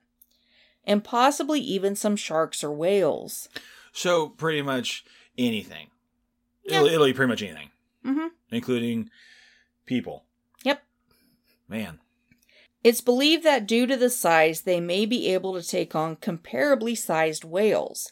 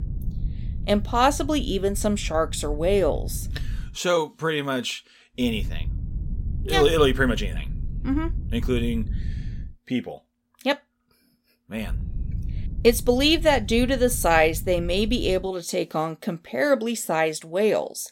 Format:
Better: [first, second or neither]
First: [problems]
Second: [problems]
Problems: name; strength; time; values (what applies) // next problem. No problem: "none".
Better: first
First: none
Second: low rumble; faint; until 4 s, from 5.5 to 9.5 s and from 12 to 15 s; 25 dB below the speech